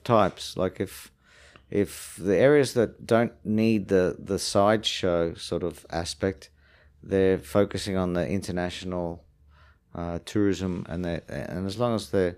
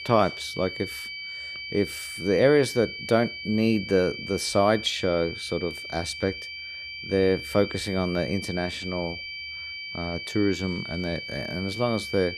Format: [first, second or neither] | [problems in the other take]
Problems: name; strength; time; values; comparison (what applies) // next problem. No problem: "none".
first | high-pitched whine; loud; throughout; 2.5 kHz, 8 dB below the speech